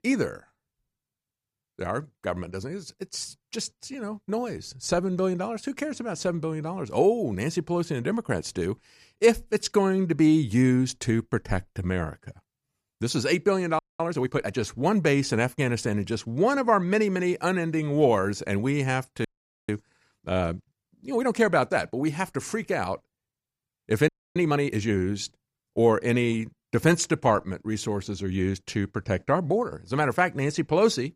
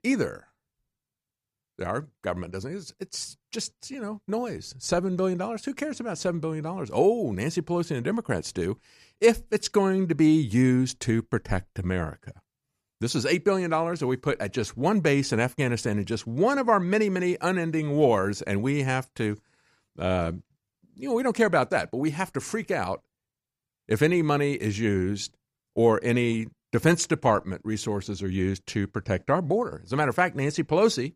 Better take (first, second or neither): second